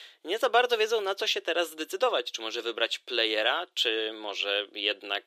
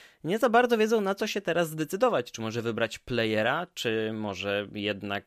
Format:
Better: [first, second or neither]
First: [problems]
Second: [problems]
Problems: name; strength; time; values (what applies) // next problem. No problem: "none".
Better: second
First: thin; very; fading below 350 Hz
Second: none